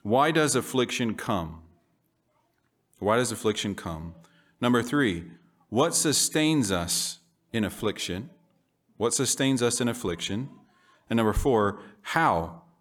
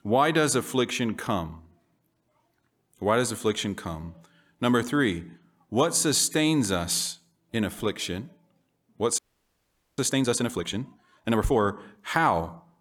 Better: first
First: none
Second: audio freezing; at 9 s for 1 s

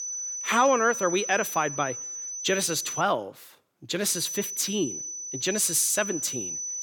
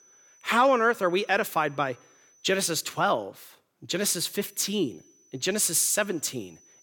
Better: second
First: high-pitched whine; loud; until 3 s and from 4 s on; 6 kHz, 6 dB below the speech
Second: high-pitched whine; faint; until 3 s and from 4 s on; 6 kHz, 30 dB below the speech

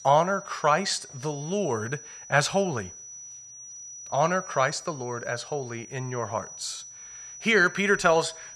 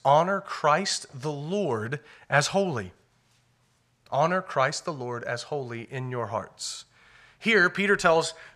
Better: second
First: high-pitched whine; noticeable; throughout; 6 kHz, 15 dB below the speech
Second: none

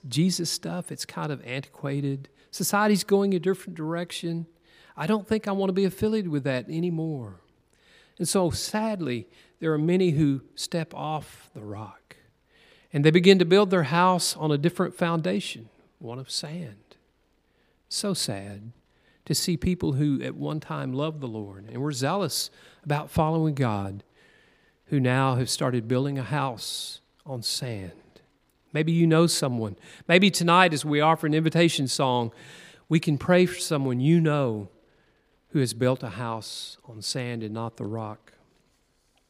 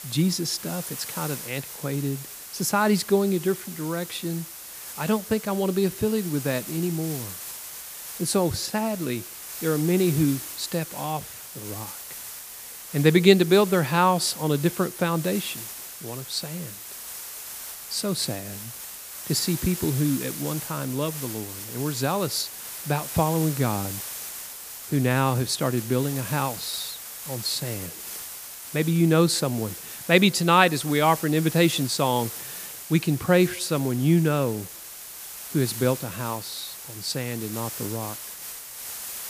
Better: first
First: none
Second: hiss; noticeable; throughout; 10 dB below the speech

